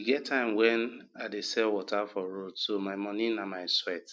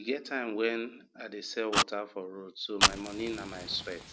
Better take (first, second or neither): first